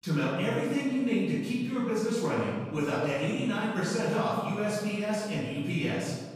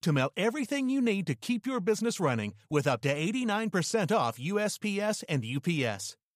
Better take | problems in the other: second | off-mic speech; far // room echo; strong; dies away in 1.3 s

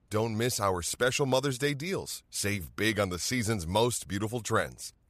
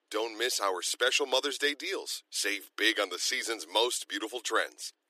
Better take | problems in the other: first | thin; very; fading below 300 Hz

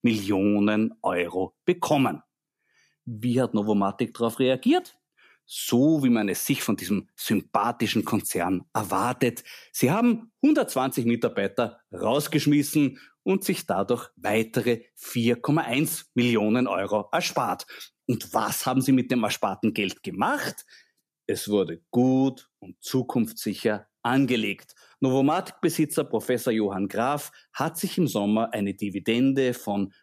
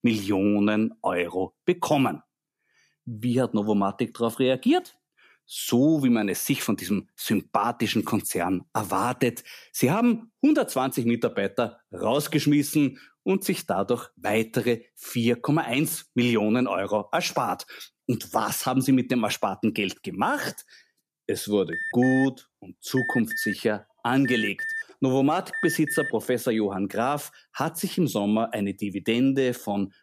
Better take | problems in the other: first | alarm; noticeable; from 22 to 26 s; peak 3 dB below the speech

